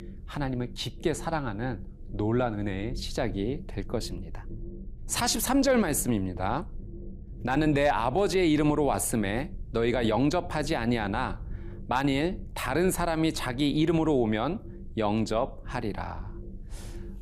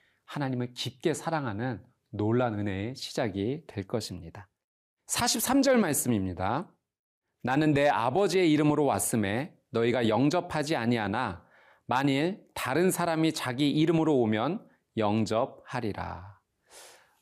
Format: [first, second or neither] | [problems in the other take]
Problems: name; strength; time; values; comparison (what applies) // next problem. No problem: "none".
second | low rumble; faint; throughout; 25 dB below the speech